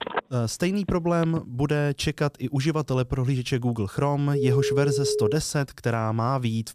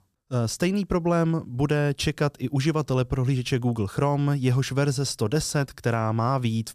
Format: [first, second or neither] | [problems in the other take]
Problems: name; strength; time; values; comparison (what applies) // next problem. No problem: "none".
second | phone ringing; noticeable; until 1.5 s and from 4.5 to 5.5 s; peak level with the speech